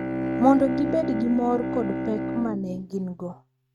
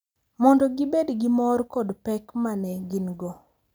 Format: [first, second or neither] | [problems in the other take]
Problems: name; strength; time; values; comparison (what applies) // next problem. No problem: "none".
second | noise reduction (neural mask model RNNoise)